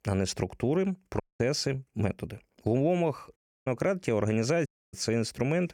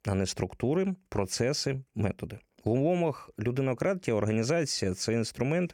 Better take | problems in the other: second | audio cutting out; at 1 s, at 3.5 s and at 4.5 s

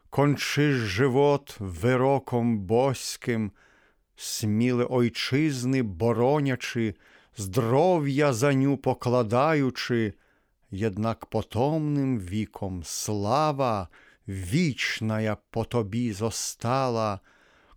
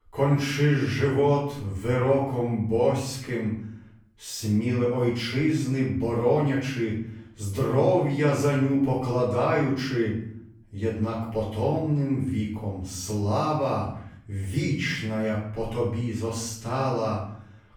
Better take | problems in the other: first | off-mic speech; far // room echo; noticeable; dies away in 0.7 s

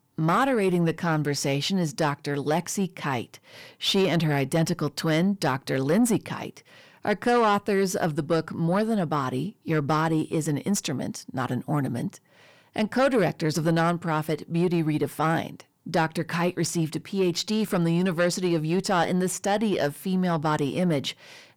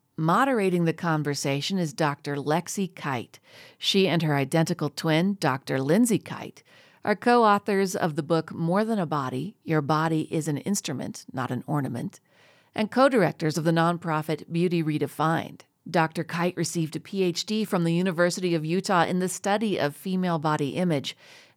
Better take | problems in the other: second | distortion; slight; 10 dB below the speech

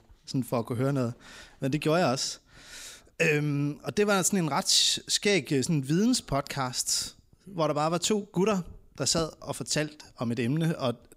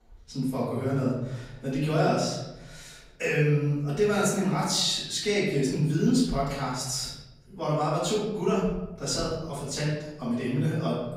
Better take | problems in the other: first | room echo; noticeable; dies away in 0.9 s // off-mic speech; far

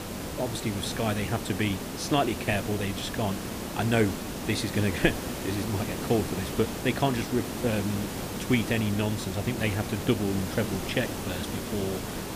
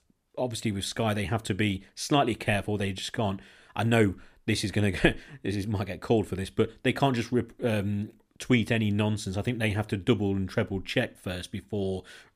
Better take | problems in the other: second | hiss; loud; throughout; 5 dB below the speech

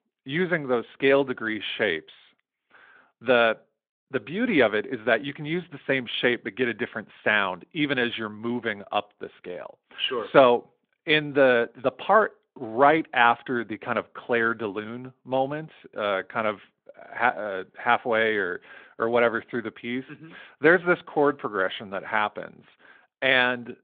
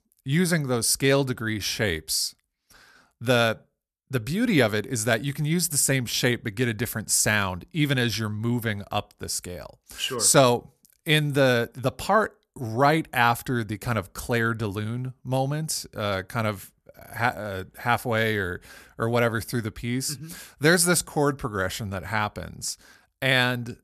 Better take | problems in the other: second | phone-call audio; nothing above 3.5 kHz

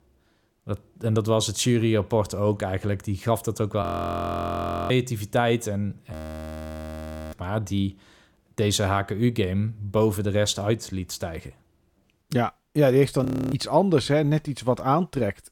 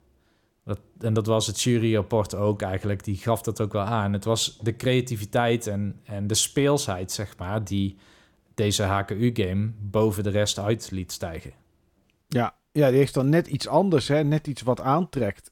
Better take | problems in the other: second | audio freezing; at 4 s for 1 s, at 6 s for 1 s and at 13 s

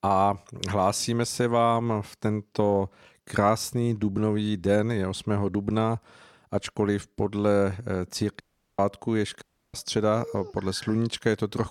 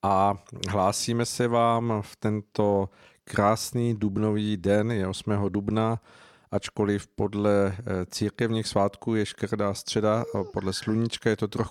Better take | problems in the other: second | audio cutting out; at 8.5 s and at 9.5 s

